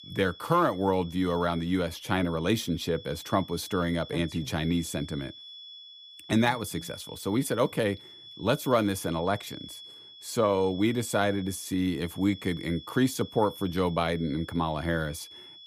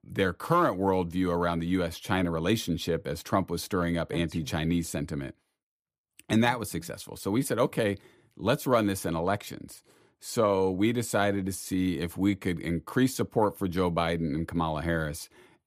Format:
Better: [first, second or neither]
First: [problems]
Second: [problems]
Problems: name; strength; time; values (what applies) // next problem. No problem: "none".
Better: second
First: high-pitched whine; noticeable; throughout; 3.5 kHz, 15 dB below the speech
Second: none